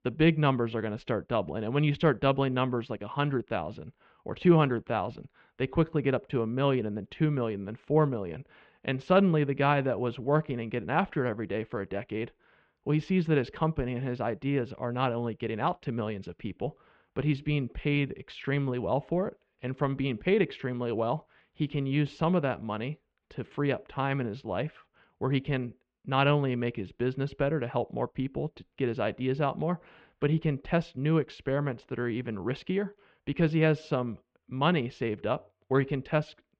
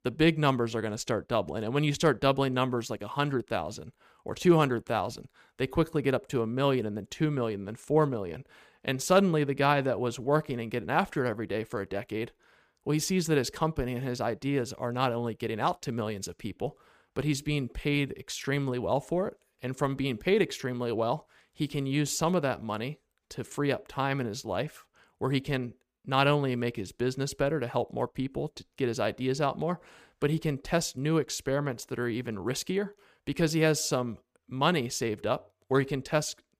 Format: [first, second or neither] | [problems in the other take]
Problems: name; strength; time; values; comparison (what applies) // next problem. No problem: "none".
second | muffled; very; fading above 3 kHz